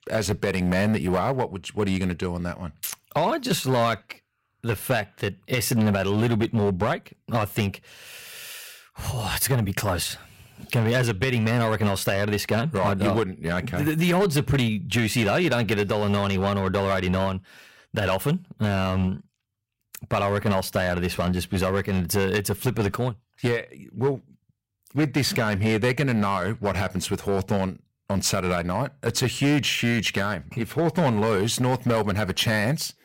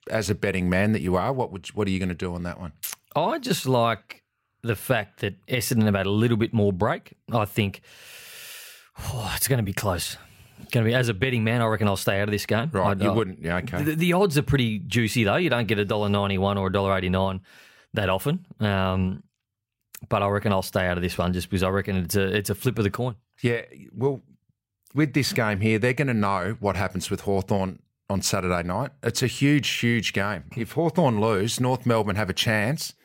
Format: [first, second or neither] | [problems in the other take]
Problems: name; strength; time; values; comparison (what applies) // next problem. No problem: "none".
second | distortion; slight; 6% of the sound clipped